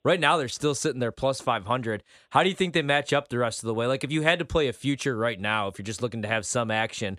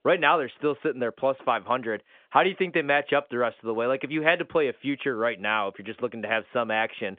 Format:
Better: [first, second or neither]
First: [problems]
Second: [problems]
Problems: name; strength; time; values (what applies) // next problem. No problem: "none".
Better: first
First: none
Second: phone-call audio; nothing above 3.5 kHz